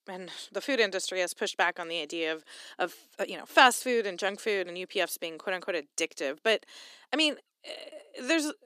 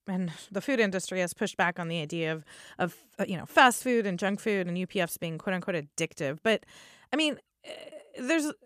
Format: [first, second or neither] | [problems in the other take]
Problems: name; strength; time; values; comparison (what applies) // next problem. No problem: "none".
second | thin; somewhat; fading below 250 Hz